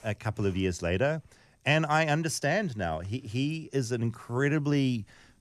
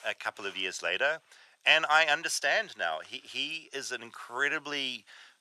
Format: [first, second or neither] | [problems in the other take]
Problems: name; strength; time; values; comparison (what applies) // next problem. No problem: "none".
first | thin; very; fading below 800 Hz